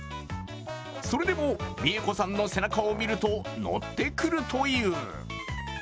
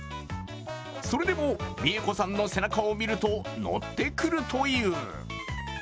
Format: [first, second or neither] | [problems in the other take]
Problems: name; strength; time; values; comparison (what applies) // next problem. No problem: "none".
second | background sound (Brass instrument); 17 dB below the speech